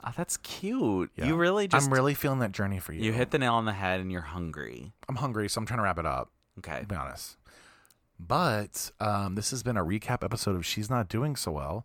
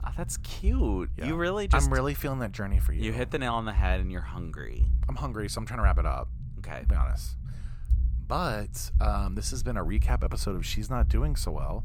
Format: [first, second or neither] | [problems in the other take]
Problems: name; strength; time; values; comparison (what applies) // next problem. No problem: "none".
first | low rumble; noticeable; throughout; 20 dB below the speech